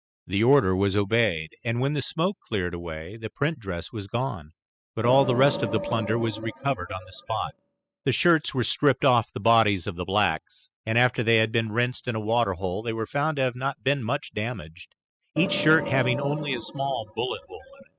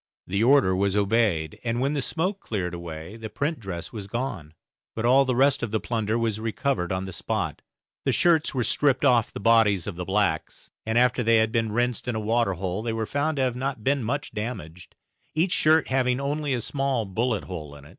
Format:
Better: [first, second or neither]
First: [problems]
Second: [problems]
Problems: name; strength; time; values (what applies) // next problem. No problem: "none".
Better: second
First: noise reduction (classical method spectral subtraction)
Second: none